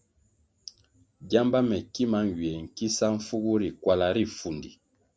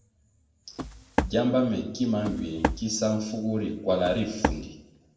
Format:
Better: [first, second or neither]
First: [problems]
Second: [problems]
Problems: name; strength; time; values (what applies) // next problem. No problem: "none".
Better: first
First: none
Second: background sound (Walk, footsteps); 3 dB below the speech // room echo; dies away in 0.7 s